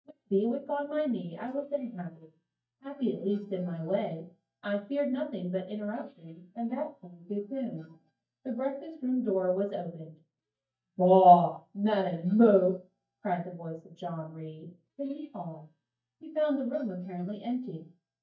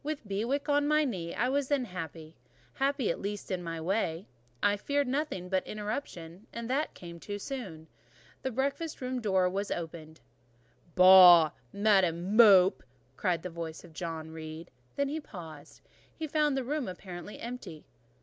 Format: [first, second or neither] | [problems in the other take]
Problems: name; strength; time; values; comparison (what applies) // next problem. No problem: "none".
second | noise reduction (neural mask model DeepFilterNet 3)